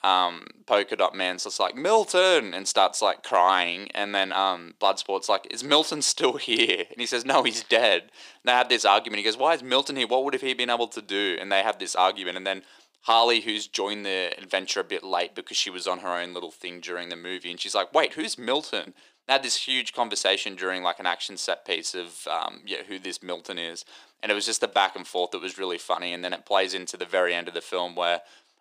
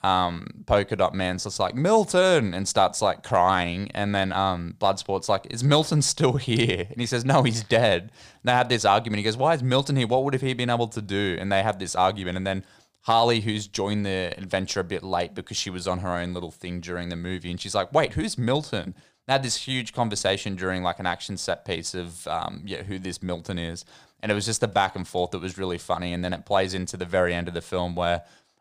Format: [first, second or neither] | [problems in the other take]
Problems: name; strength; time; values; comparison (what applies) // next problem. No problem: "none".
second | thin; somewhat; fading below 300 Hz